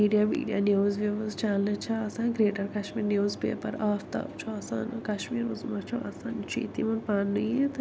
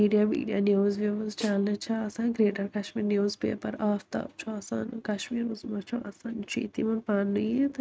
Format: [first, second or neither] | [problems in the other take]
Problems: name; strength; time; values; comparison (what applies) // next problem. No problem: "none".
first | noise reduction (neural mask model RNNoise)